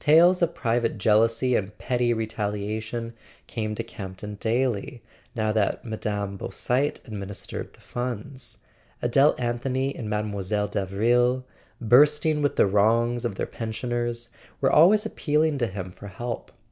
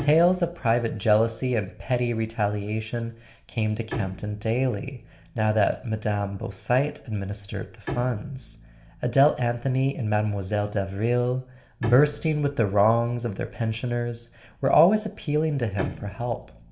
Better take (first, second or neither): first